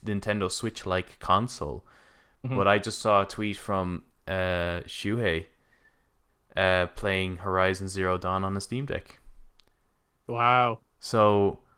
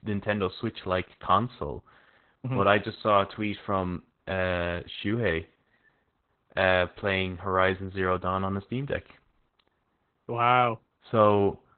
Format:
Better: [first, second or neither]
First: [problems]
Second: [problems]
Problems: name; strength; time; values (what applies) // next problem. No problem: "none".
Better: first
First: garbled, watery; slightly; nothing above 16.5 kHz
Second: garbled, watery; badly; nothing above 4 kHz